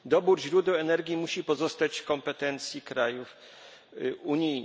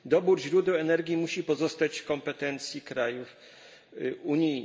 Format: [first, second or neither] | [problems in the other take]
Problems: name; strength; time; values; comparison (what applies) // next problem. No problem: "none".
first | room echo; dies away in 0.8 s